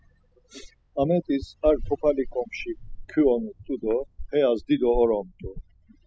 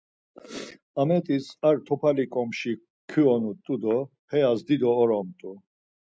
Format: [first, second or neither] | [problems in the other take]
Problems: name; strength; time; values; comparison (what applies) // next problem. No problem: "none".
second | noise reduction (classical method spectral subtraction)